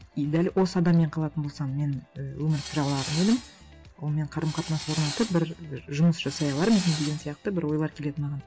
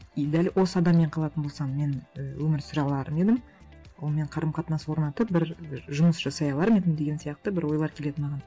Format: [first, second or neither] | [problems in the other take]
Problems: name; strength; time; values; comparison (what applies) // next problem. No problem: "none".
second | background sound (Tools); 12 dB below the speech